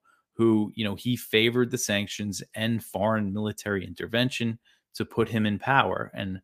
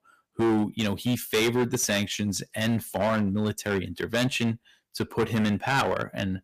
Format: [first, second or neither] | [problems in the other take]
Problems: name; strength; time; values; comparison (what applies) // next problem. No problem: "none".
first | distortion; heavy; 11% of the sound clipped